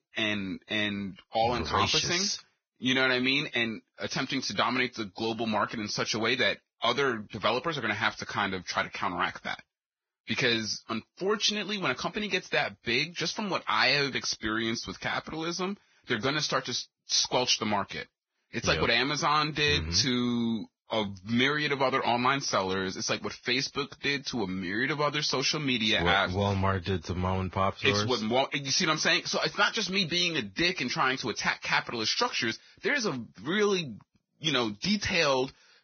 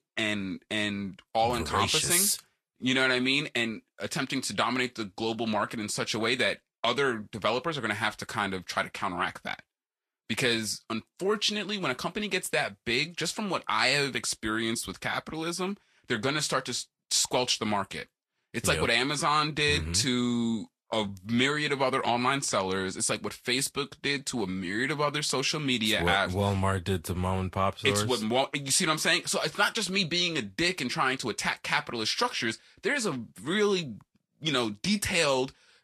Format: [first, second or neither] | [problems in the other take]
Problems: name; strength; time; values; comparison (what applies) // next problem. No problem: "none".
second | garbled, watery; badly; nothing above 6.5 kHz; slightly in the second